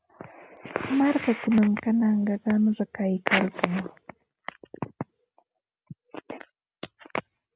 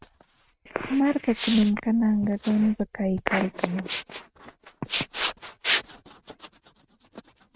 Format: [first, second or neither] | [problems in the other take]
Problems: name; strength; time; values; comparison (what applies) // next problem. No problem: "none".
first | noise reduction (neural mask model RNNoise)